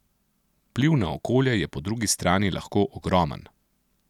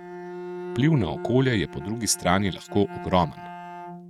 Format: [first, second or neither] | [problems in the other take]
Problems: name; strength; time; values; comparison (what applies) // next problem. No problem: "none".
first | noise reduction (neural mask model RNNoise)